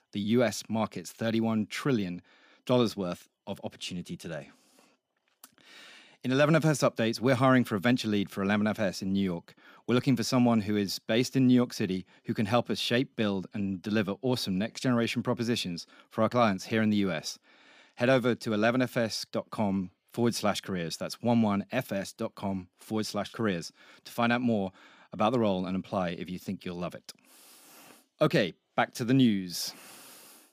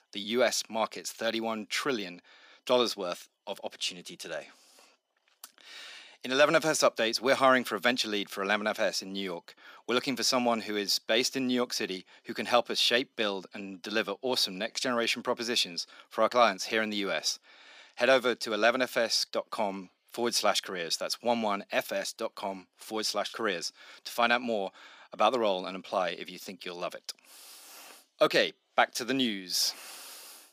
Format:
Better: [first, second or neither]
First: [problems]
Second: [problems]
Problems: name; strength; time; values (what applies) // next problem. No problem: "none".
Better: first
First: none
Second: thin; somewhat; fading below 450 Hz